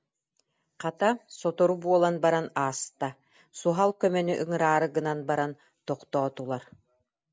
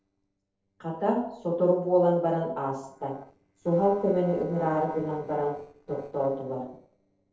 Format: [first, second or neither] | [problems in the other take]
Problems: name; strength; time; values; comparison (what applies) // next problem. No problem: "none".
first | noise reduction (neural separator model SepFormer DNS4)